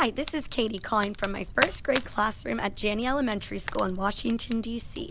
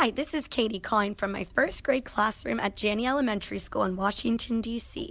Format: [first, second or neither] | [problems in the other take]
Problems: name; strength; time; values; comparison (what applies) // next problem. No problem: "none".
second | background sound (Fire); 8 dB below the speech